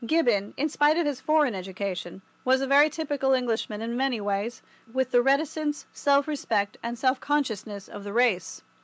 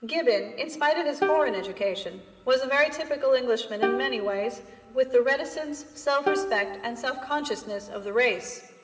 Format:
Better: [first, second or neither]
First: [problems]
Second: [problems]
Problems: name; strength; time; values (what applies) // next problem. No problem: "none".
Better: first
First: none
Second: background sound (Plucked string instrument); 7 dB below the speech // room echo; dies away in 2.7 s